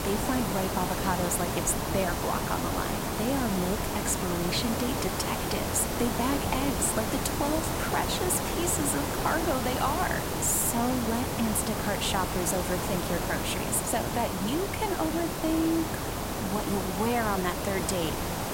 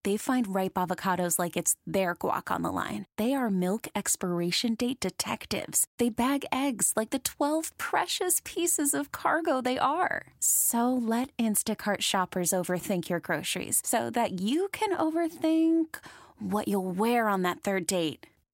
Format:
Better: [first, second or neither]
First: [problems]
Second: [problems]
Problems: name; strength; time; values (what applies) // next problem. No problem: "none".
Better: second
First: hiss; loud; throughout; 1 dB below the speech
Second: none